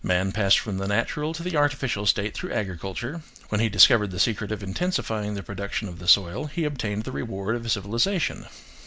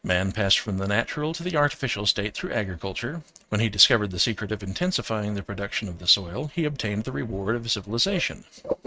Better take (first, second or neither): first